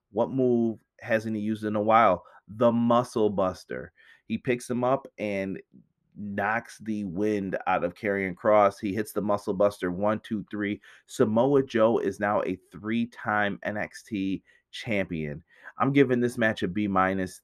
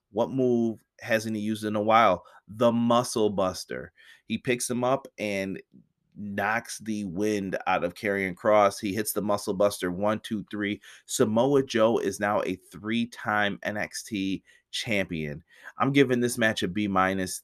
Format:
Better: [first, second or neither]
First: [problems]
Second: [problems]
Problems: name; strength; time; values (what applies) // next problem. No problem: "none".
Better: second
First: muffled; slightly; fading above 3 kHz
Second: none